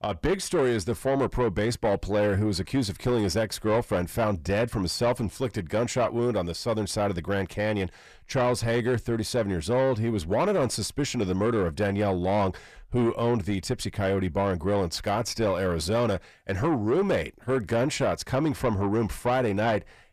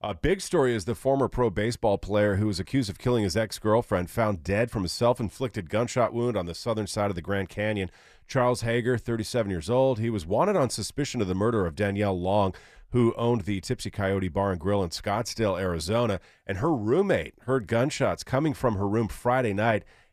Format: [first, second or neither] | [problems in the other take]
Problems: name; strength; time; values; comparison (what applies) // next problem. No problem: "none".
second | distortion; slight; 10 dB below the speech